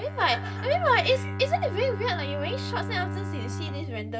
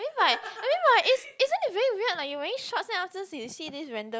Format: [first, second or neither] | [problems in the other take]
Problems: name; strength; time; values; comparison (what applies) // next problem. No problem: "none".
second | background sound (Bowed string instrument); 5 dB below the speech // room echo; dies away in 0.4 s